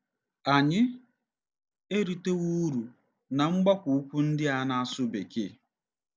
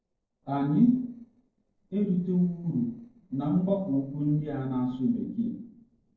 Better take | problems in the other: first | noise reduction (neural separator model SepFormer DNS4)

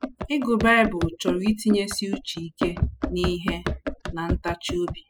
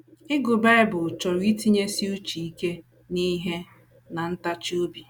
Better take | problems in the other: second | noise reduction (classical method spectral subtraction)

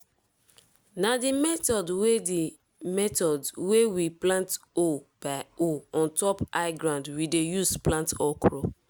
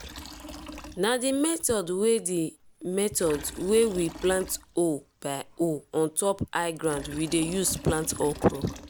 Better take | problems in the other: first | background sound (Liquid); 16 dB below the speech

